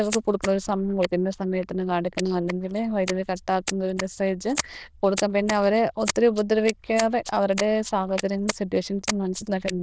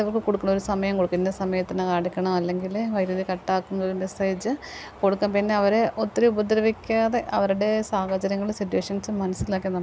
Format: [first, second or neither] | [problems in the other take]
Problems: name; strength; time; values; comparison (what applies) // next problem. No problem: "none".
second | noise reduction (neural diffusion model UNIVERSE++)